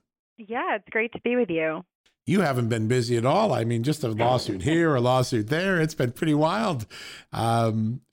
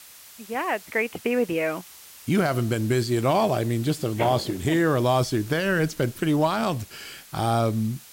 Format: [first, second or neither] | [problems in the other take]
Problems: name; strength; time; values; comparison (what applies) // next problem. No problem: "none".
first | hiss; noticeable; throughout; 20 dB below the speech